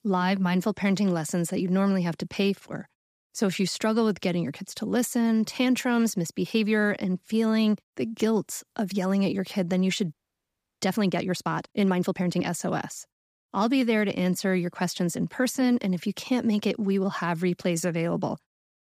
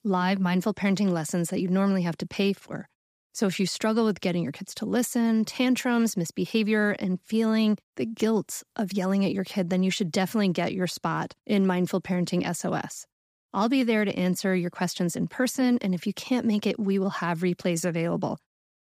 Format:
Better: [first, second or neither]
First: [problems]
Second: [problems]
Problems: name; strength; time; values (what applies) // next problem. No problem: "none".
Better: second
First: audio freezing; at 10 s for 0.5 s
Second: none